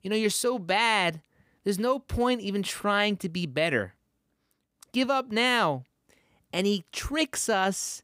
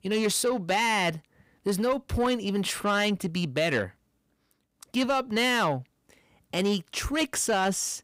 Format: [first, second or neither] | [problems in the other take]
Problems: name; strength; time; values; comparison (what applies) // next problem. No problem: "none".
first | distortion; slight; 10 dB below the speech